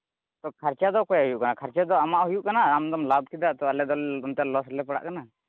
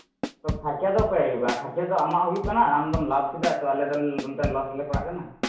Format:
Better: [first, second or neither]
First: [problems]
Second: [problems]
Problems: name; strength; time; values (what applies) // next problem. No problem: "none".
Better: first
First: none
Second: background sound (Drum / Drum kit); 8 dB below the speech // room echo; dies away in 0.6 s